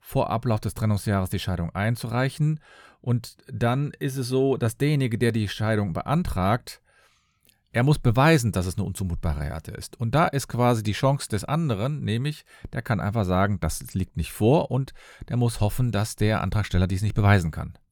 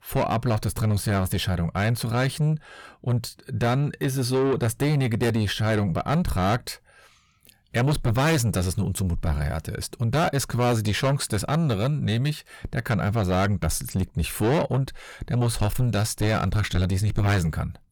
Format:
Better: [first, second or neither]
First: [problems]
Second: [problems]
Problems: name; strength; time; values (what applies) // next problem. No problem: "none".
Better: first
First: none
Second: distortion; heavy; 7 dB below the speech